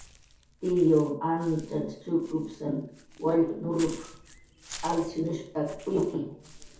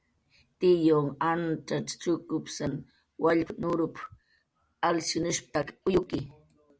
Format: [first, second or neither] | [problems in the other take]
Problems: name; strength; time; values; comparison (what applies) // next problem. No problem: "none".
second | background sound (Walk, footsteps / Bird); 19 dB below the speech // room echo; dies away in 0.6 s